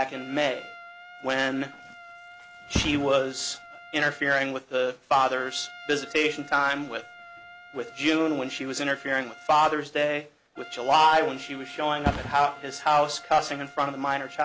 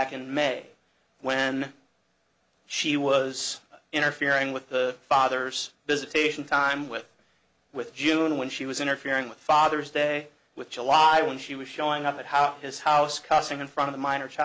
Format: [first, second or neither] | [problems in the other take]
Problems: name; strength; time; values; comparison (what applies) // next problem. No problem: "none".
second | background sound (Thump, thud + Trumpet); 14 dB below the speech